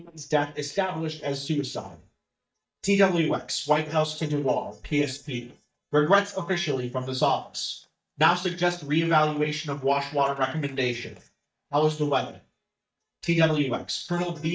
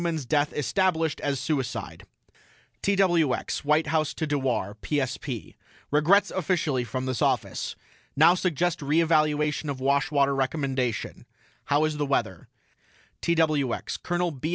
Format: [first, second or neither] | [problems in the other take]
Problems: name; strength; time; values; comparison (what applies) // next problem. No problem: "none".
second | noise reduction (neural mask model DeepFilterNet 3)